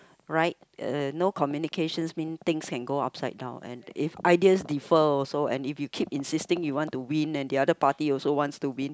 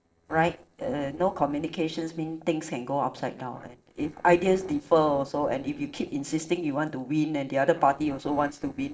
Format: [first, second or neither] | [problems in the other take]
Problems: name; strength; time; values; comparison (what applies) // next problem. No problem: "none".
first | noise reduction (neural separator model SepFormer DNS4)